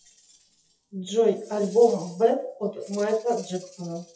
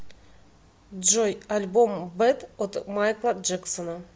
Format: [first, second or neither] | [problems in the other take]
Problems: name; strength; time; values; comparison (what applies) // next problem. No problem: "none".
second | noise reduction (classical method WPE with log-MMSE)